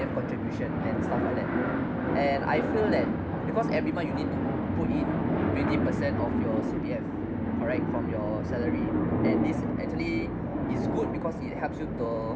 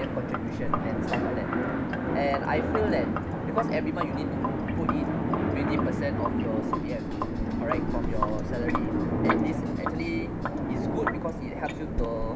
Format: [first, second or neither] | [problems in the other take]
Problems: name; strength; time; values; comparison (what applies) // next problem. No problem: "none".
first | background sound (Sink (filling or washing)); 7 dB below the speech